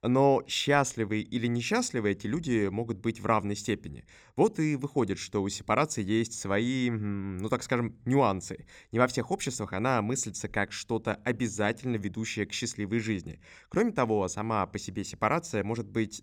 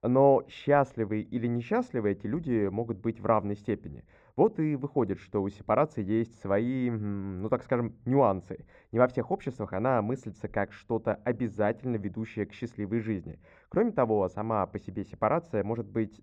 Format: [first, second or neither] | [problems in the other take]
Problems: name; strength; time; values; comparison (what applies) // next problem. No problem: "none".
first | muffled; very; fading above 3.5 kHz